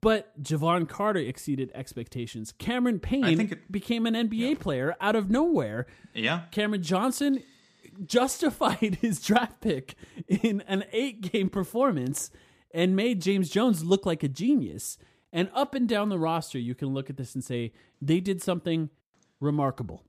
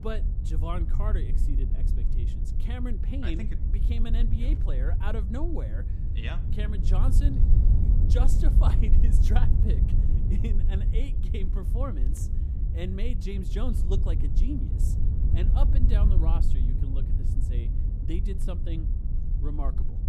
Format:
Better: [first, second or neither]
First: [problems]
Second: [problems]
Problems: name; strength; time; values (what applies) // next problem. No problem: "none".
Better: first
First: none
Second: wind noise on the microphone; heavy; 4 dB below the speech